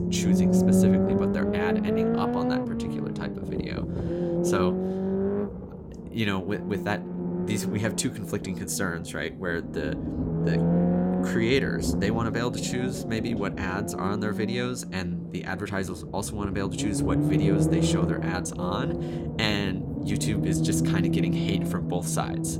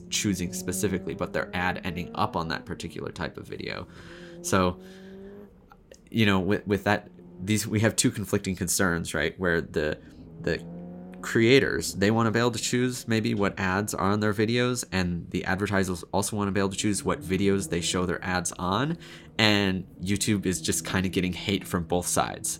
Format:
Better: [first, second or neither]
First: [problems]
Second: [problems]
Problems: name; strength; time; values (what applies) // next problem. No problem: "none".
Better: second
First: low rumble; loud; throughout; as loud as the speech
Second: low rumble; faint; throughout; 20 dB below the speech